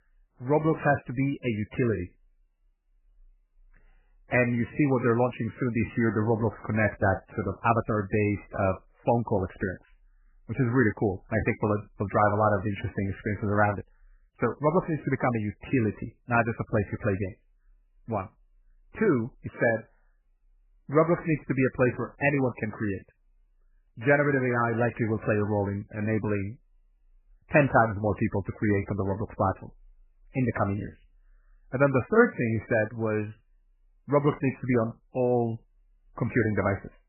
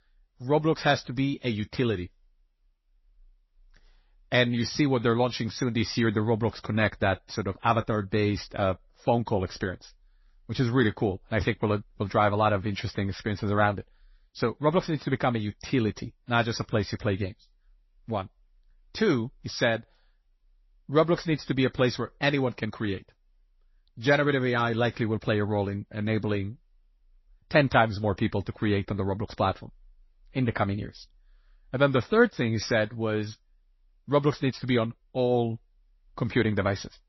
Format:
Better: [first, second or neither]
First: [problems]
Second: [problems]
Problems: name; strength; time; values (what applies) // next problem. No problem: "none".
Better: second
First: garbled, watery; badly; nothing above 2.5 kHz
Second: garbled, watery; slightly; nothing above 6 kHz